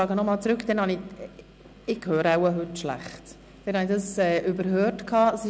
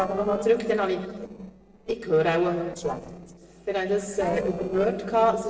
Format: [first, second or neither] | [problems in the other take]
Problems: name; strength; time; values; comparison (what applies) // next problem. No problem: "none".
first | noise reduction (neural separator model SepFormer DNS4)